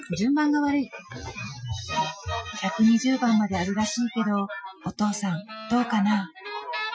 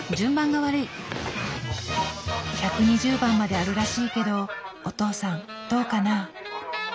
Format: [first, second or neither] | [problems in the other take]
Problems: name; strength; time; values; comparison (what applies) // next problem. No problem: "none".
second | noise reduction (classical method Wiener filter)